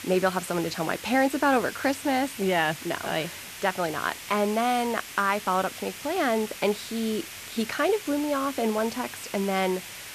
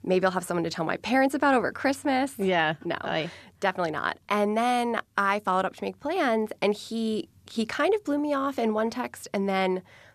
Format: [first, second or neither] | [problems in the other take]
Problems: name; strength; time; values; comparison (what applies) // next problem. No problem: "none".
second | hiss; noticeable; throughout; 10 dB below the speech